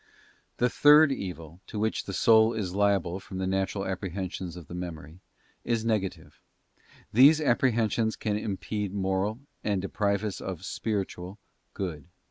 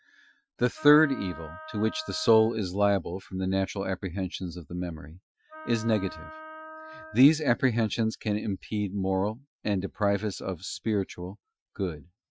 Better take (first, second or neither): first